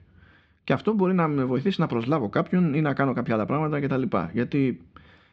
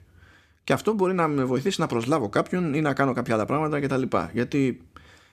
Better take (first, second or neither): second